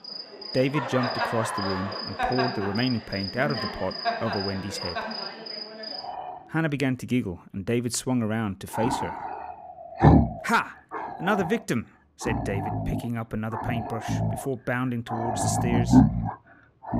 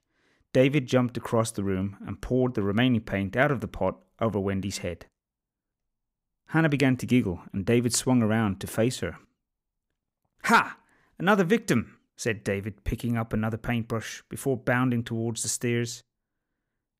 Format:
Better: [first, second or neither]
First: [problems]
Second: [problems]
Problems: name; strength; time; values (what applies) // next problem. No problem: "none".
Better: second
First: animal sounds; very loud; throughout; 1 dB above the speech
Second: none